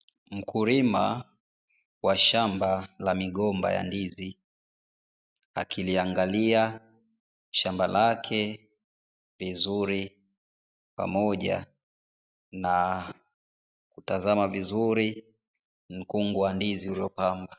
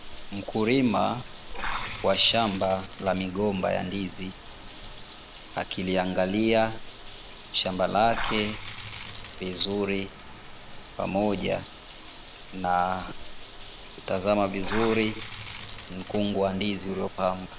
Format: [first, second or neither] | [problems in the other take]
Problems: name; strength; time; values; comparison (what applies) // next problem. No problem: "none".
first | background sound (Bathtub (filling or washing) / Water); 10 dB below the speech